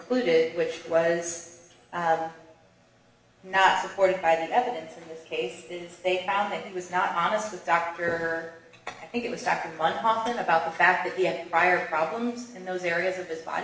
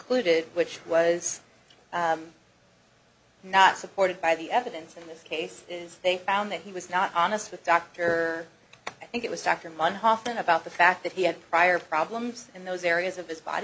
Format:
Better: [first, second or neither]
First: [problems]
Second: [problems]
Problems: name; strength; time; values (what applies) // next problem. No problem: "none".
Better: second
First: room echo; dies away in 0.8 s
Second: none